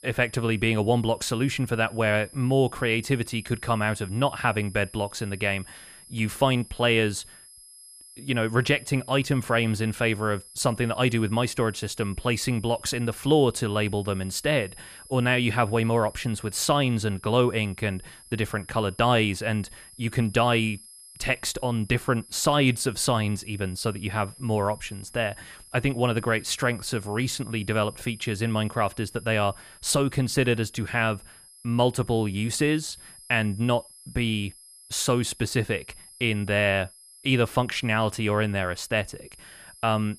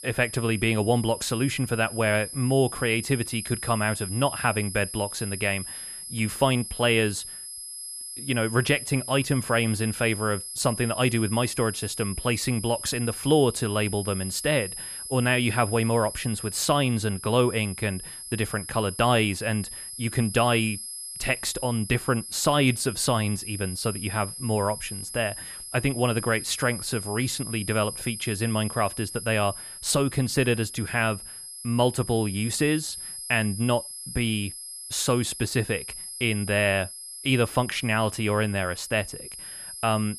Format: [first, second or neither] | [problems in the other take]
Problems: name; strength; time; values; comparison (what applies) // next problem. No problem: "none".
first | high-pitched whine; loud; throughout; 11 kHz, 9 dB below the speech; faint in the first